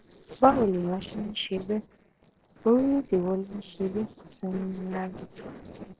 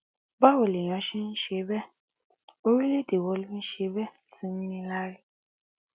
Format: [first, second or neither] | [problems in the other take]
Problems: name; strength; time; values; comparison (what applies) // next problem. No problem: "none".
second | noise reduction (neural separator model SepFormer DNS4)